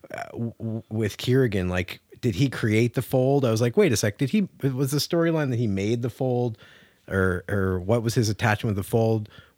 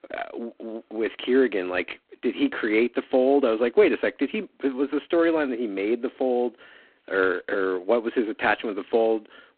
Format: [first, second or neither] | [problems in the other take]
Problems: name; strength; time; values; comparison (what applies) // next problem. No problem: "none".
first | phone-call audio; poor line; nothing above 3.5 kHz